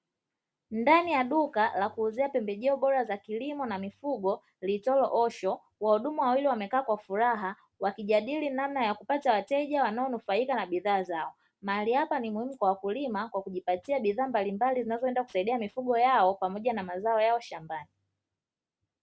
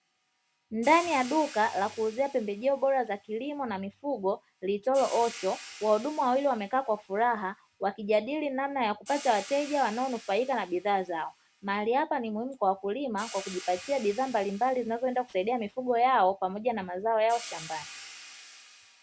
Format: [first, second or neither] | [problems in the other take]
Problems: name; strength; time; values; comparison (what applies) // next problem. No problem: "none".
first | background sound (Hi-hat); 19 dB below the speech